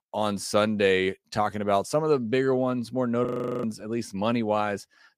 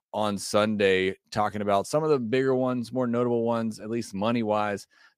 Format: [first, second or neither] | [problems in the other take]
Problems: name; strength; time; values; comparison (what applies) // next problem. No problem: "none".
second | audio freezing; at 3.5 s